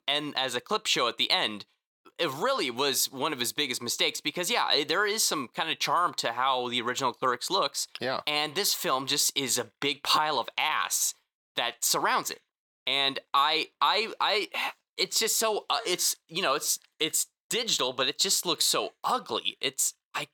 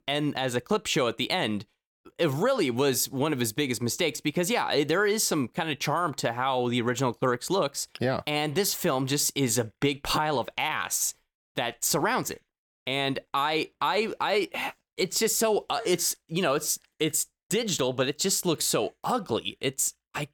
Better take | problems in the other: second | thin; somewhat; fading below 1 kHz

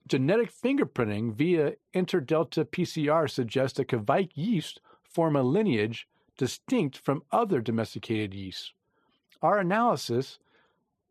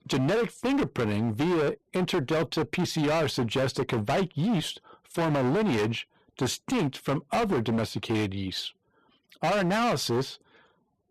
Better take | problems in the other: first | distortion; heavy; 24% of the sound clipped

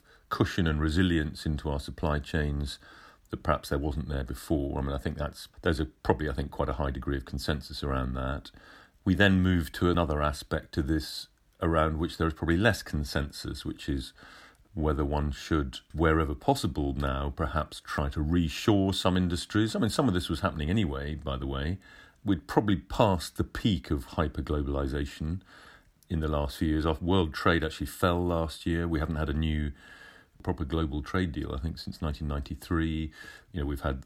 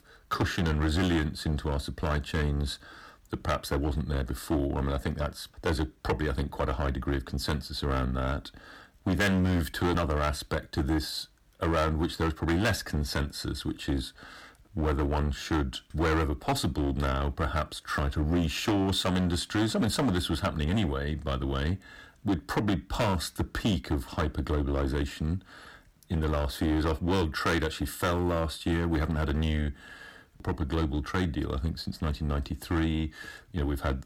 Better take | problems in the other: first | distortion; heavy; 9% of the sound clipped

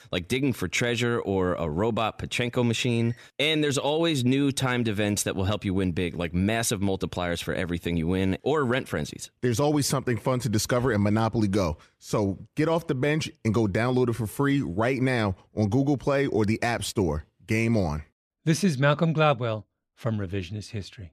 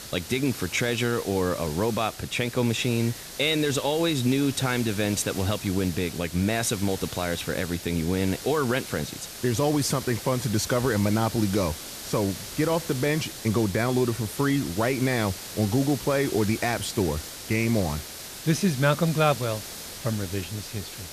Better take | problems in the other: first | hiss; noticeable; throughout; 10 dB below the speech

